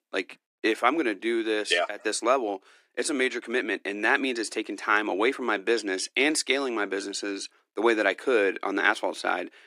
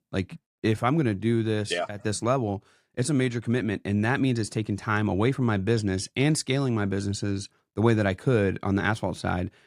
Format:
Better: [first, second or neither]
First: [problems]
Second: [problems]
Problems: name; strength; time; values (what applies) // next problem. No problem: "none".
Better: second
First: thin; very; fading below 300 Hz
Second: none